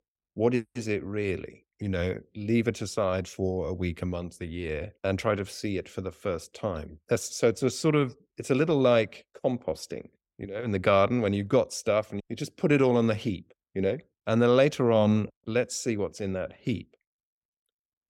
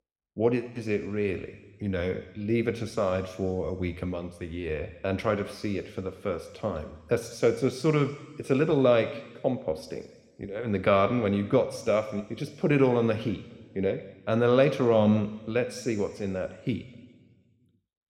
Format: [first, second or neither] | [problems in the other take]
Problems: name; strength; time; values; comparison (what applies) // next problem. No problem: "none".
first | room echo; very slight; dies away in 1.4 s